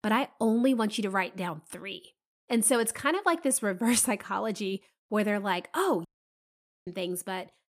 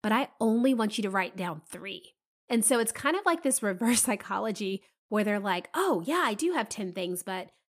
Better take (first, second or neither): second